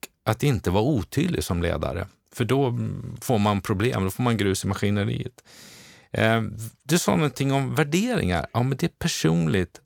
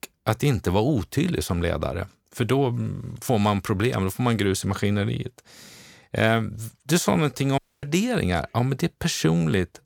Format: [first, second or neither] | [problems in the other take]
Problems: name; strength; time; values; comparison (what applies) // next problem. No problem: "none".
first | audio cutting out; at 7.5 s